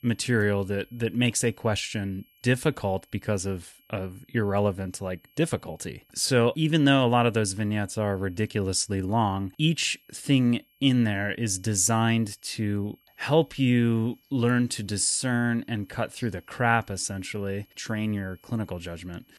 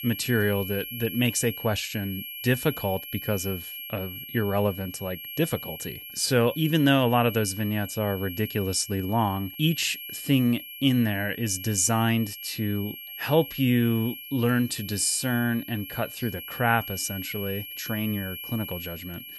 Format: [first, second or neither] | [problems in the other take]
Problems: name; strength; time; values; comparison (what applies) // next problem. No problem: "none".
first | high-pitched whine; loud; throughout; 3 kHz, 10 dB below the speech; faint in the first